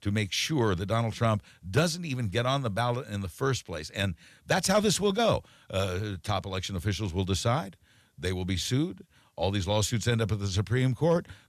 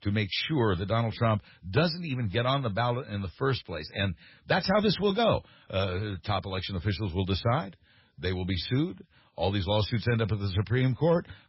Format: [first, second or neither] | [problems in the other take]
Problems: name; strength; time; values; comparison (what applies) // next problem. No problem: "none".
first | garbled, watery; badly; nothing above 5.5 kHz